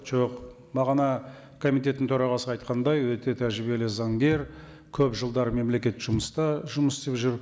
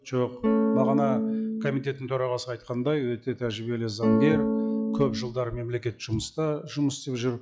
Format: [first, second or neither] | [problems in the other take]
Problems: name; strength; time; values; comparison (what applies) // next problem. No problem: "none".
first | noise reduction (classical method log-MMSE)